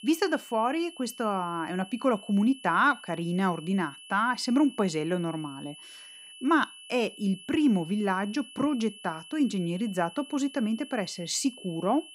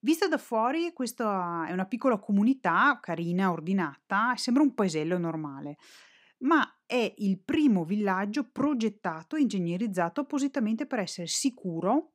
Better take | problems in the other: second | high-pitched whine; noticeable; throughout; 3 kHz, 15 dB below the speech

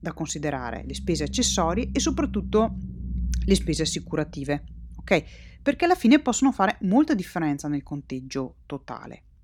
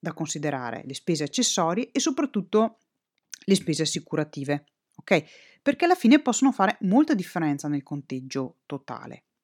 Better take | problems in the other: second | low rumble; faint; throughout; 20 dB below the speech

